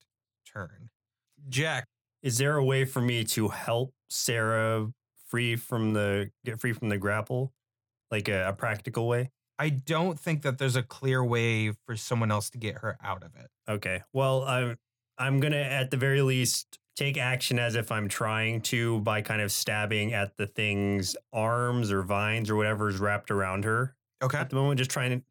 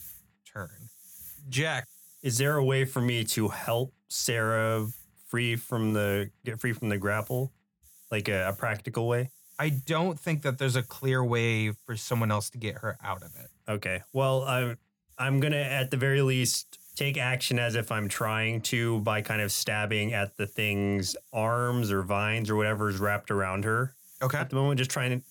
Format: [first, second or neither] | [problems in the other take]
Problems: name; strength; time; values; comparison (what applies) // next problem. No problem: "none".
first | hiss; faint; throughout; 20 dB below the speech